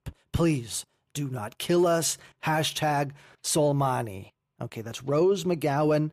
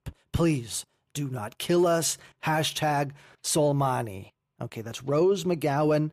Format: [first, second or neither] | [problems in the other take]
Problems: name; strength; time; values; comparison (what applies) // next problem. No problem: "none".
neither | none